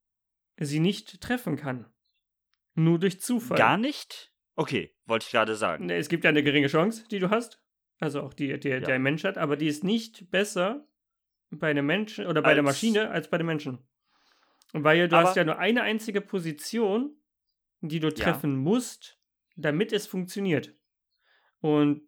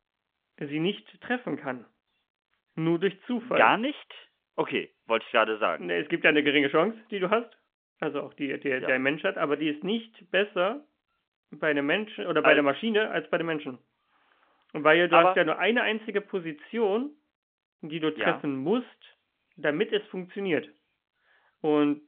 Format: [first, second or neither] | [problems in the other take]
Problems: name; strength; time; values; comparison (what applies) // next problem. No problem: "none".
first | phone-call audio; nothing above 3 kHz